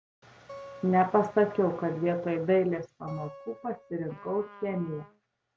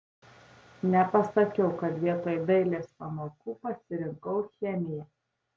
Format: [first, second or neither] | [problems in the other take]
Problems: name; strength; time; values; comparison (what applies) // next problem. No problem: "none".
second | background sound (Acoustic guitar + Trumpet); 19 dB below the speech